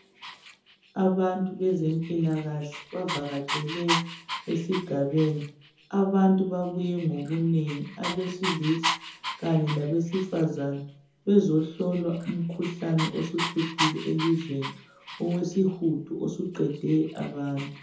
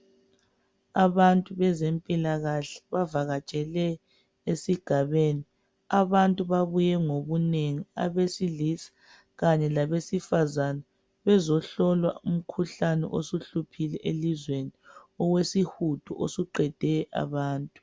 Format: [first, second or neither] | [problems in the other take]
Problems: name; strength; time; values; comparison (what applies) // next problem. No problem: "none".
second | background sound (Dog); 10 dB below the speech // room echo; dies away in 0.5 s